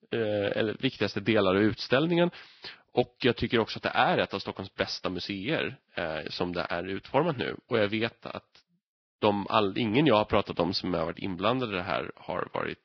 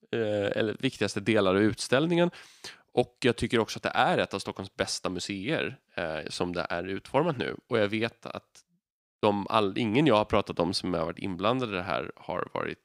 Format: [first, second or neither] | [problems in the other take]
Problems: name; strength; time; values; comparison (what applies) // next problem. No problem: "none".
second | garbled, watery; badly; nothing above 5.5 kHz